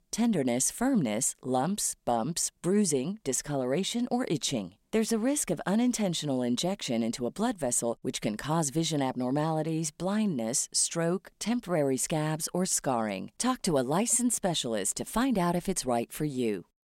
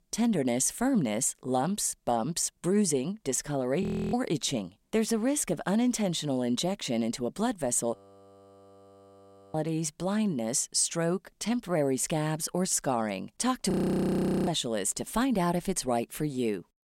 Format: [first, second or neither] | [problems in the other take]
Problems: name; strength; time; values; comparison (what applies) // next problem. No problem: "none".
first | audio freezing; at 4 s, at 8 s for 1.5 s and at 14 s for 1 s